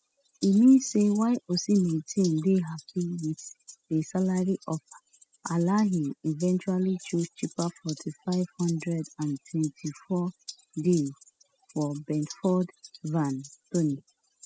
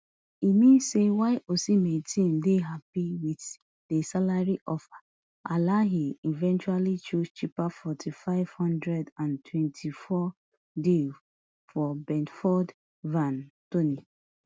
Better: second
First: noise reduction (classical method spectral subtraction)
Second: none

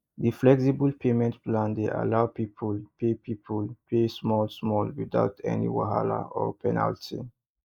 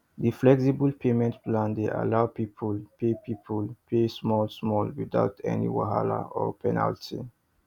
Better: second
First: noise reduction (neural mask model Resemble Enhance denoiser)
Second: none

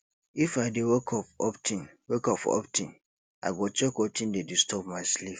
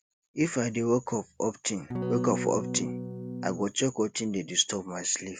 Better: first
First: none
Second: background sound (Electric guitar / Strum); 3 dB below the speech

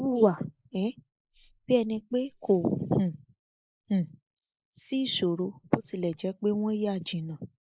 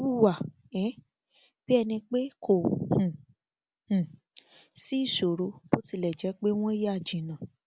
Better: second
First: noise reduction (neural mask model Resemble Enhance denoiser)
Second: none

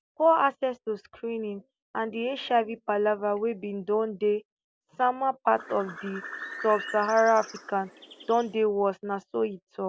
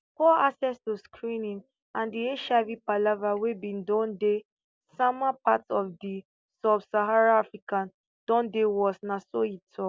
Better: second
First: background sound (Bird); 13 dB below the speech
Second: none

